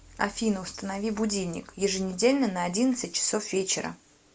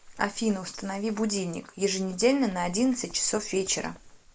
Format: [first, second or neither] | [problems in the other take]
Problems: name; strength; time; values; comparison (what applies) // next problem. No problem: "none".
first | noise reduction (neural mask model Resemble Enhance denoiser)